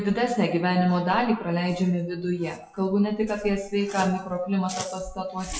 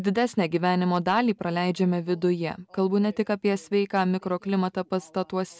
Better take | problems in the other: second | noise reduction (classical method WPE with log-MMSE)

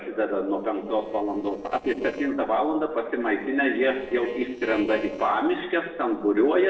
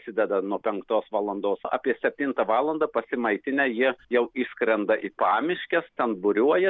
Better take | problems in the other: second | noise reduction (neural separator model SepFormer DNS4)

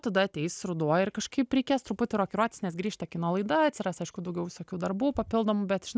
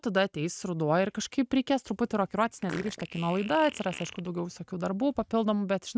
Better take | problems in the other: first | noise reduction (neural mask model RNNoise)

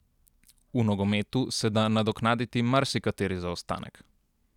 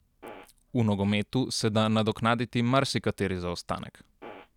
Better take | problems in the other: first | background sound (Fart); 17 dB below the speech

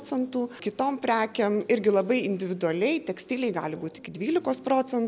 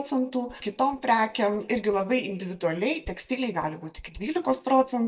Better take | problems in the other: first | noise reduction (neural mask model DeepFilterNet 3)

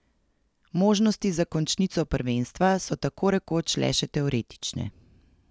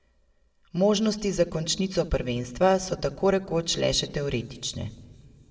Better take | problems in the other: first | room echo; dies away in 1.1 s

